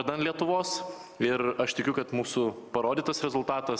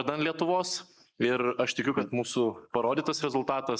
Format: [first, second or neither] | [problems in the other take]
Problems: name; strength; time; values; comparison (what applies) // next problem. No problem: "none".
first | noise reduction (neural mask model Resemble Enhance denoiser)